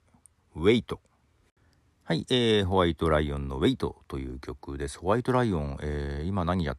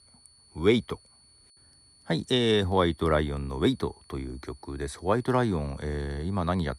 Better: first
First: none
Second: high-pitched whine; faint; throughout; 4.5 kHz, 30 dB below the speech

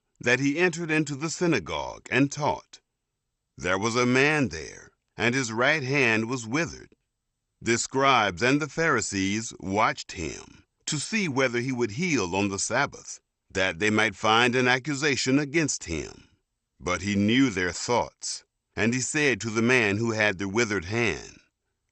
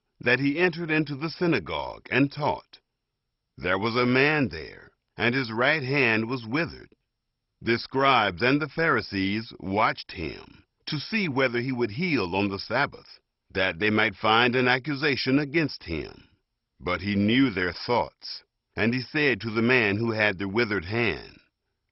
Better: first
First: garbled, watery; slightly; nothing above 8 kHz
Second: garbled, watery; badly; nothing above 5.5 kHz

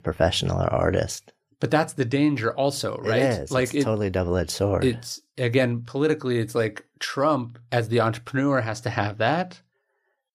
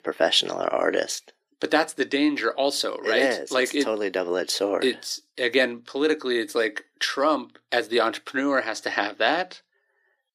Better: first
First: none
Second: thin; very slightly; fading below 300 Hz

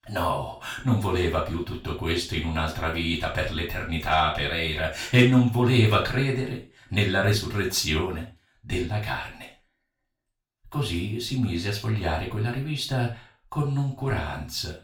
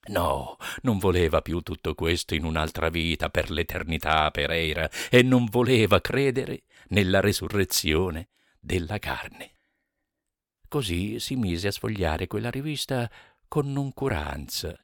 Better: second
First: room echo; slight; dies away in 0.3 s // off-mic speech; far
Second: none

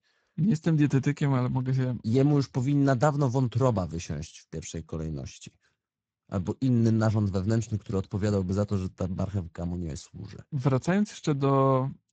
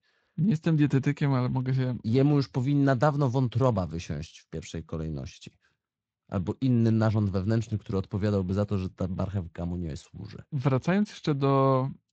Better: second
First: garbled, watery; badly; nothing above 7.5 kHz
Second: garbled, watery; slightly

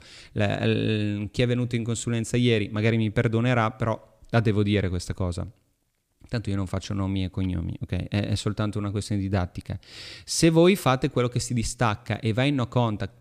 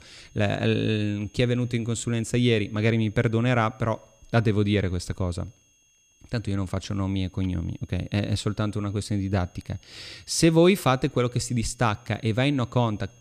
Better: first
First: none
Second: high-pitched whine; faint; throughout; 6.5 kHz, 35 dB below the speech

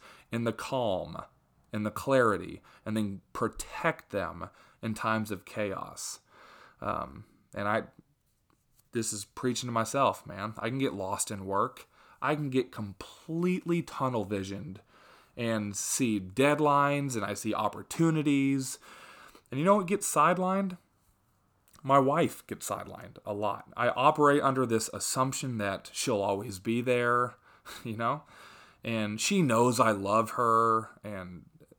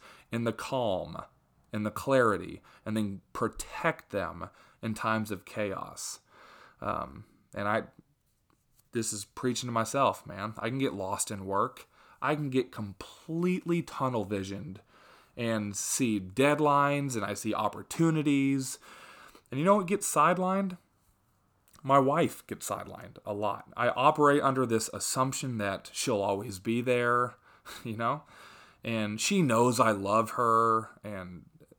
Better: neither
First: none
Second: none

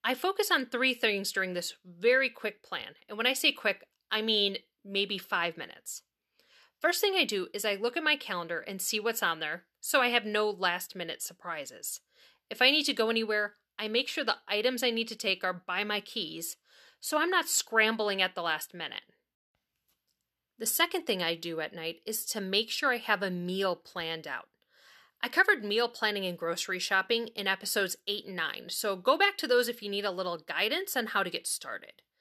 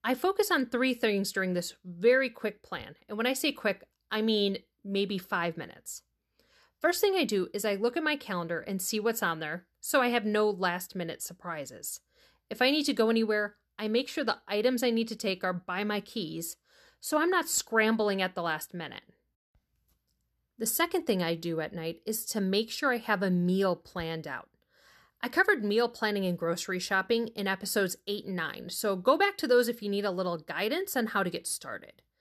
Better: second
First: thin; very slightly; fading below 450 Hz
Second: none

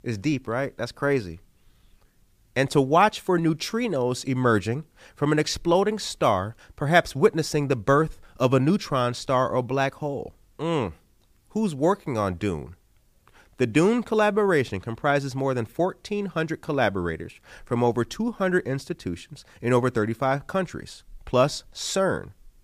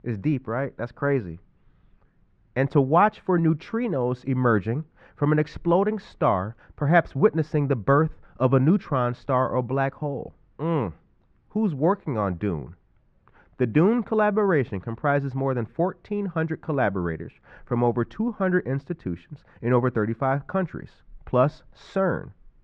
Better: first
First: none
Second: muffled; very; fading above 1.5 kHz

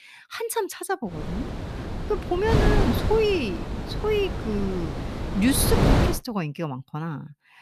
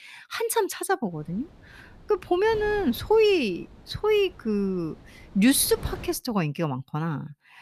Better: second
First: wind noise on the microphone; heavy; from 1 to 6 s; 3 dB below the speech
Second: wind noise on the microphone; occasional gusts; from 1 to 6 s; 25 dB below the speech

